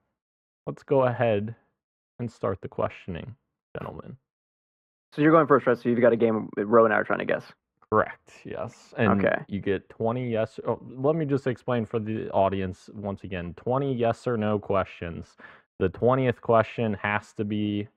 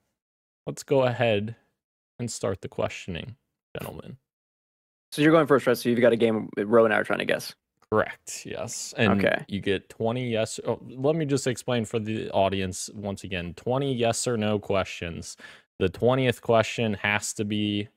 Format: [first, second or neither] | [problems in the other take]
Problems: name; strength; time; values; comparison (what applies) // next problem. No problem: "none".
second | muffled; very; fading above 4 kHz